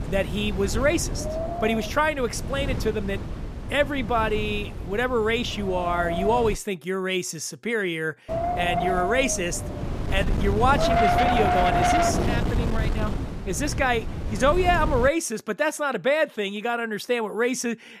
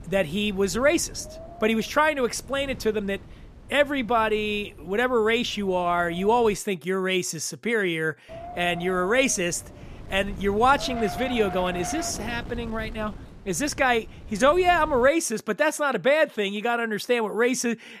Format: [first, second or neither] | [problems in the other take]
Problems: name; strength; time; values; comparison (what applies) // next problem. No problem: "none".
second | wind noise on the microphone; heavy; until 6.5 s and from 8.5 to 15 s; 1 dB below the speech; occasional gusts in the second